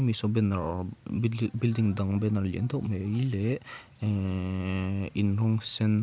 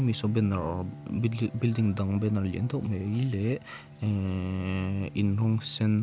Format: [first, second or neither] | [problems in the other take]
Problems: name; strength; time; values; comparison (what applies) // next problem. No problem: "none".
first | background sound (Bowed string instrument); 18 dB below the speech